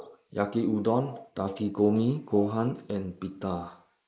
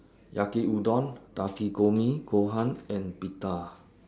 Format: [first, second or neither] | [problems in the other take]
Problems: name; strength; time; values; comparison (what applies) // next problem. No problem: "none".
second | noise reduction (neural mask model Resemble Enhance denoiser)